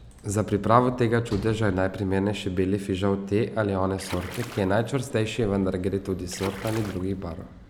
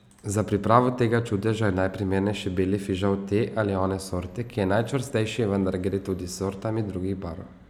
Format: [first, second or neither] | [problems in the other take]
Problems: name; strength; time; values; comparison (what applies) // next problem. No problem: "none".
second | background sound (Splash, splatter + Sliding door / Slam); 17 dB below the speech